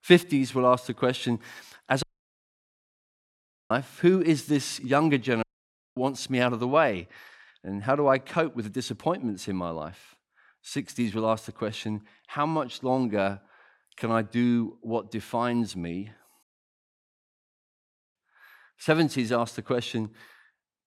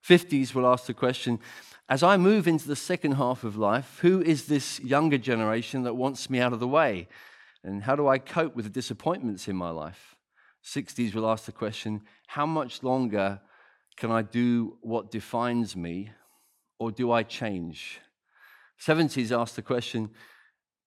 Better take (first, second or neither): second